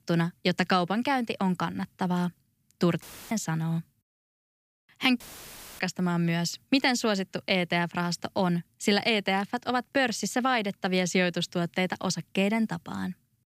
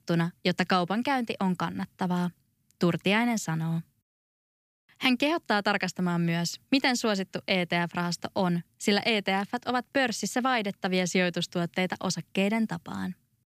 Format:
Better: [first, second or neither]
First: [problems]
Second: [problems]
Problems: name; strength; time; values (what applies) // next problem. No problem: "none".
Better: second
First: audio cutting out; filled with static; at 3 s and at 5 s for 0.5 s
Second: none